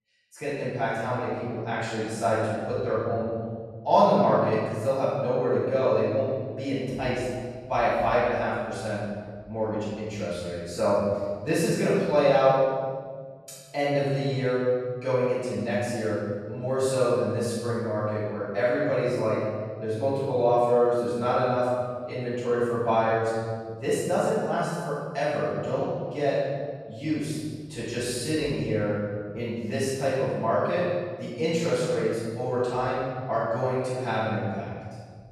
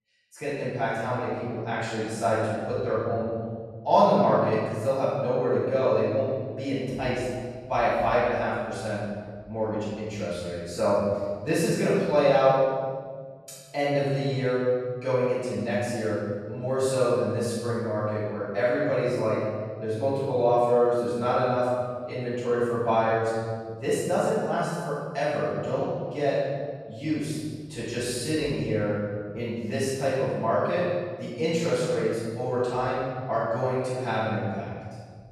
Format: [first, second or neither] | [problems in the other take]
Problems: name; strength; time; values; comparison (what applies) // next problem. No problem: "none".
neither | off-mic speech; far; the same in both // room echo; strong; dies away in 1.7 s; the same in both